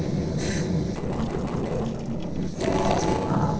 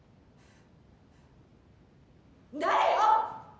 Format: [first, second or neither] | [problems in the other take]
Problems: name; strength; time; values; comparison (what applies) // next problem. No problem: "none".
second | noise reduction (neural separator model SepFormer DNS4)